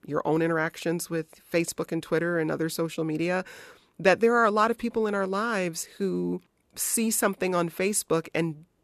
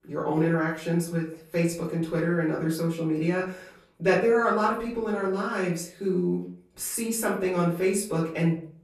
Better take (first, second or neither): first